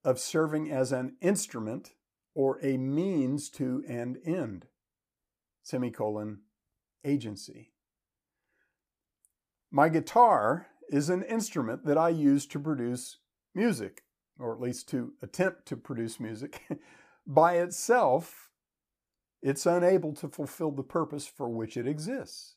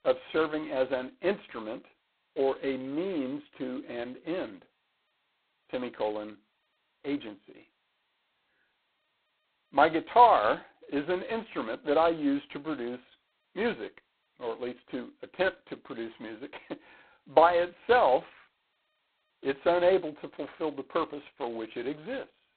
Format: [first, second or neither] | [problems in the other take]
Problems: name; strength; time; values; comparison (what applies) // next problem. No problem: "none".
first | phone-call audio; poor line; nothing above 4 kHz